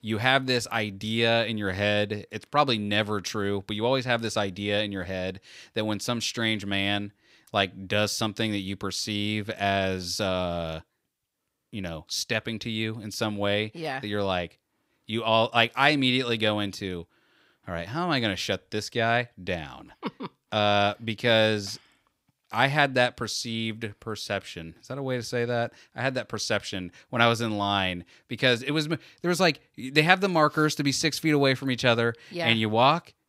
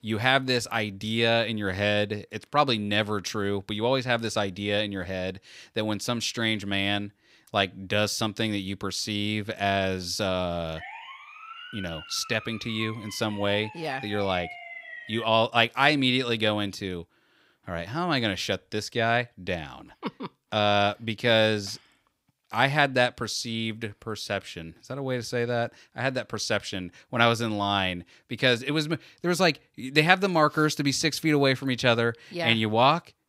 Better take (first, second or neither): first